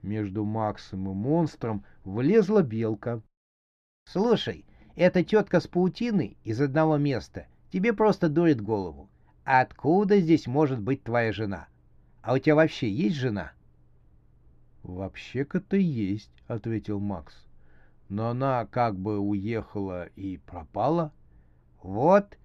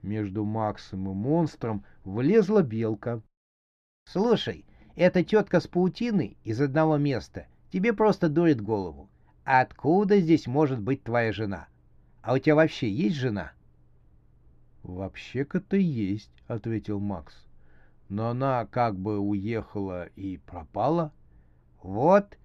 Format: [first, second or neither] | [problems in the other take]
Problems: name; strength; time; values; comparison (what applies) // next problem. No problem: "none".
neither | muffled; slightly; fading above 2.5 kHz; the same in both